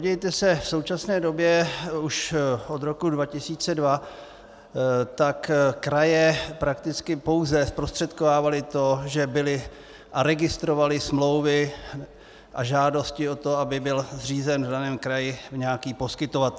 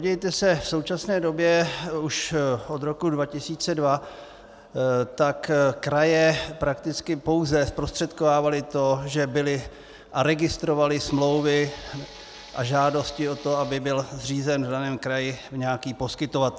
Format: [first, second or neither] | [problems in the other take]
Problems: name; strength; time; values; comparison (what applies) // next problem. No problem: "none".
first | background sound (Tools); 20 dB below the speech